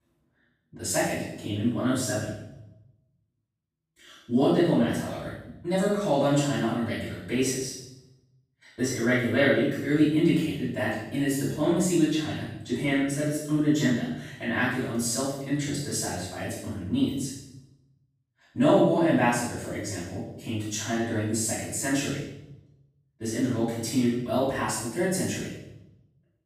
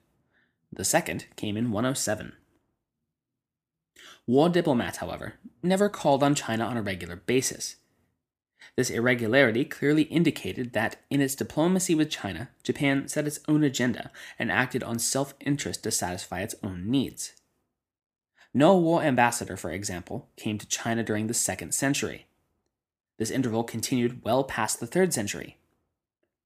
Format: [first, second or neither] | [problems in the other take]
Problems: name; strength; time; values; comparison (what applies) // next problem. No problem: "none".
second | off-mic speech; far // room echo; strong; dies away in 0.8 s